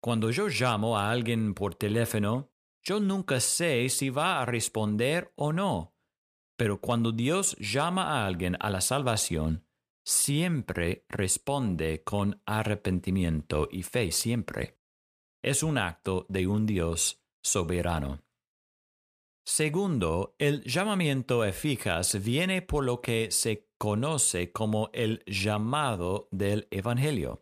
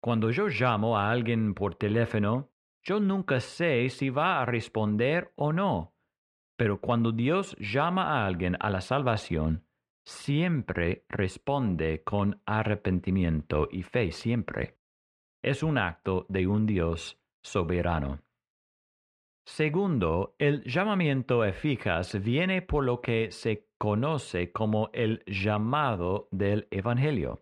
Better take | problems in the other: first | muffled; very; fading above 2 kHz

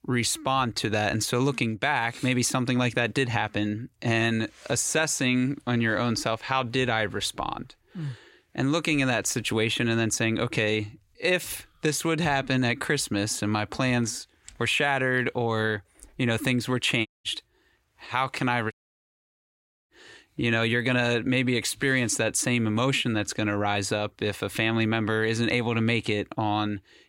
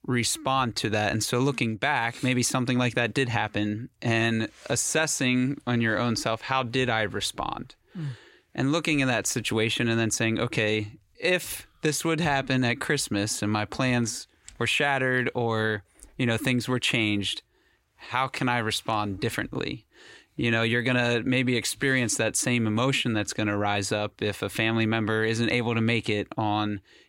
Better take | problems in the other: second | audio cutting out; at 17 s and at 19 s for 1 s

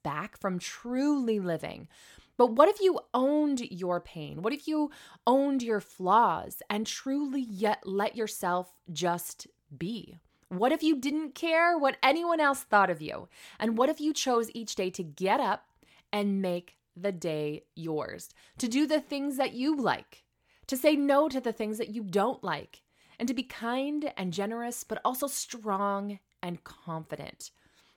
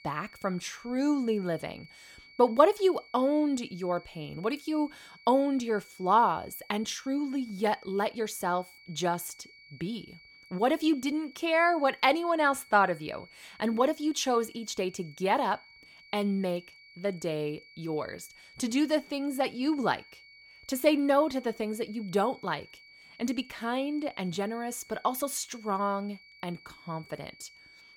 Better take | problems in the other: first | high-pitched whine; faint; throughout; 2.5 kHz, 25 dB below the speech

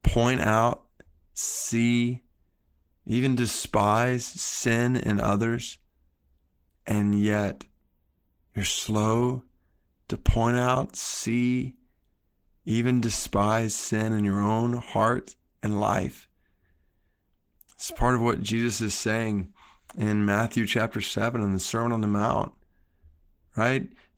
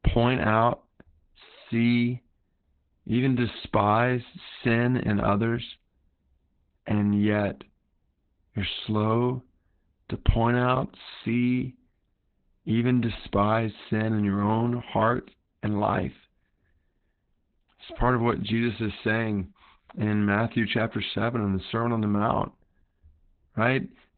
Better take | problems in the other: first | garbled, watery; badly; nothing above 4 kHz; slightly in the first

